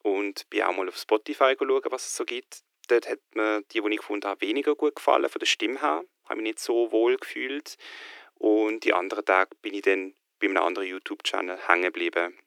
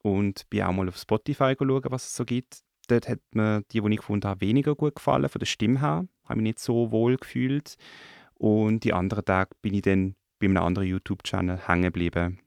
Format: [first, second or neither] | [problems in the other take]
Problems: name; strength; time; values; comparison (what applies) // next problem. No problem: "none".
second | thin; very; fading below 300 Hz